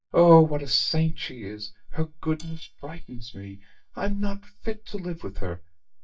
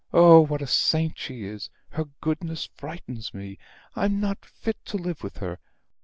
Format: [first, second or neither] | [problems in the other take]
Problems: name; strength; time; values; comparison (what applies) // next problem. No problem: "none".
second | noise reduction (neural mask model DeepFilterNet 3)